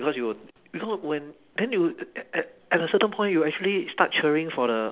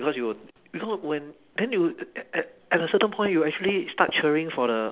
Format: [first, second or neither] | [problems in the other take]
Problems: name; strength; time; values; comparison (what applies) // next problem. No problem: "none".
first | background sound (Tap); 14 dB below the speech